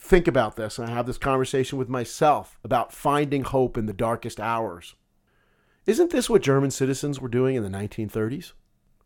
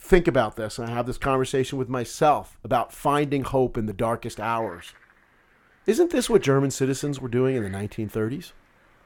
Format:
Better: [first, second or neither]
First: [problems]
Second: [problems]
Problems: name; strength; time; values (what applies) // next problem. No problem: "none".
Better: first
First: none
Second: animal sounds; faint; throughout; 30 dB below the speech